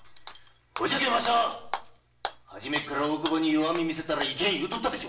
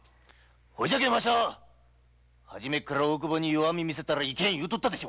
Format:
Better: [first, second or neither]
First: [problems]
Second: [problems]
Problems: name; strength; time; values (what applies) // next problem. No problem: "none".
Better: second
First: background sound (Shatter / Hammer); 13 dB below the speech // room echo; dies away in 0.6 s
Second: none